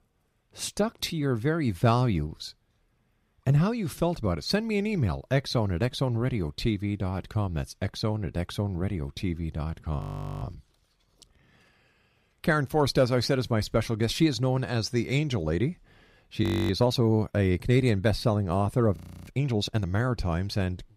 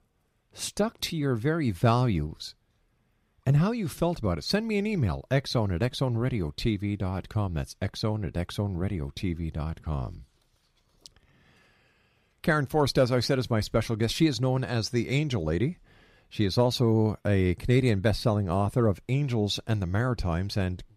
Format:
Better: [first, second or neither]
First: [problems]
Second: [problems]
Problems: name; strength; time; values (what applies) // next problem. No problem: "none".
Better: second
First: audio freezing; at 10 s, at 16 s and at 19 s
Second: none